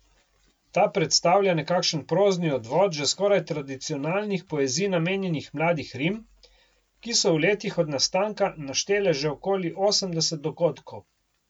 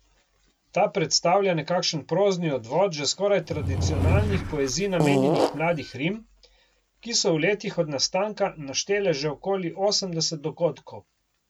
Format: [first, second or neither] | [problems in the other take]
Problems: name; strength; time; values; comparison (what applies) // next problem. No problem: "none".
first | background sound (Fart / Drawer open or close); 1 dB above the speech